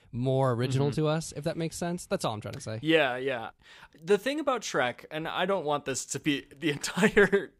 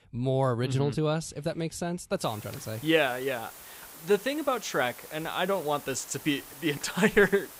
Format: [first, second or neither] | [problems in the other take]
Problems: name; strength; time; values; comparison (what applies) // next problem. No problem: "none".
first | hiss; noticeable; from 2 s on; 15 dB below the speech